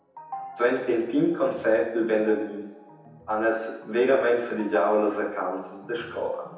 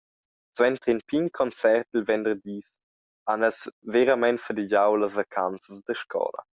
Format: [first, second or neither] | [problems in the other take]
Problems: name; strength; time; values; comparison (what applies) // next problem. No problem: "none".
second | background sound (Organ); 19 dB below the speech // room echo; dies away in 0.9 s